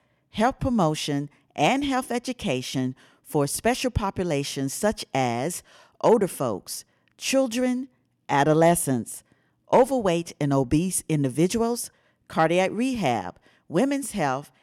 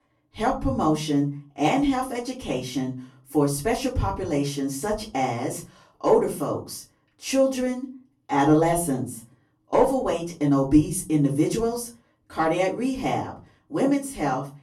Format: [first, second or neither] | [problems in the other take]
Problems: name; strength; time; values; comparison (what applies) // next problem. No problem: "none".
first | off-mic speech; far // room echo; very slight; dies away in 0.3 s